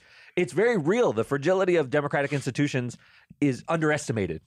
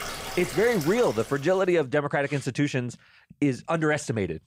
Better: first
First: none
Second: rain or running water; noticeable; until 1 s; 10 dB below the speech

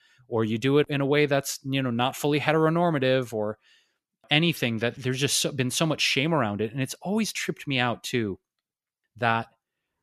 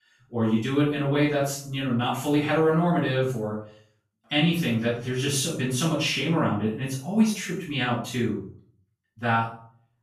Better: first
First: none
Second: off-mic speech; far // room echo; noticeable; dies away in 0.5 s

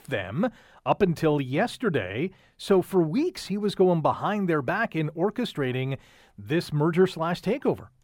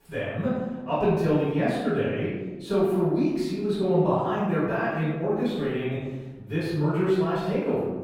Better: first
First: none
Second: off-mic speech; far // room echo; strong; dies away in 1.2 s

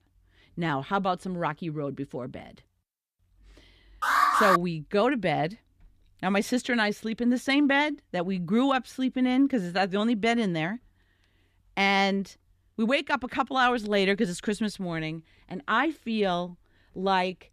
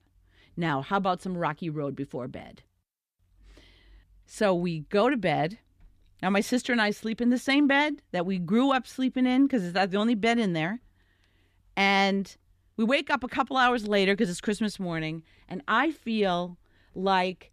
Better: second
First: alarm; loud; at 4 s; peak 6 dB above the speech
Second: none

